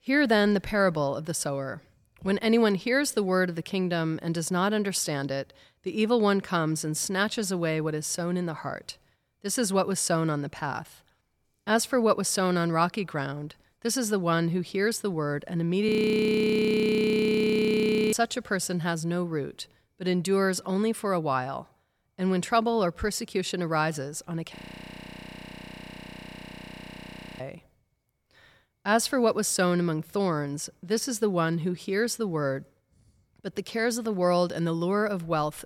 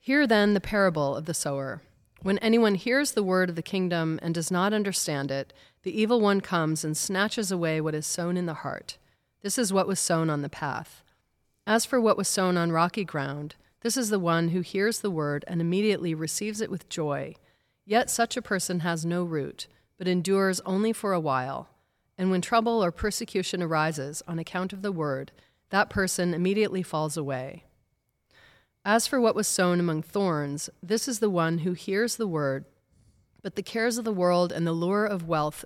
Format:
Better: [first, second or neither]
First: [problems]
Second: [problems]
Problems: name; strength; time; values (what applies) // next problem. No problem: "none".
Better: second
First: audio freezing; at 16 s for 2 s and at 25 s for 3 s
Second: none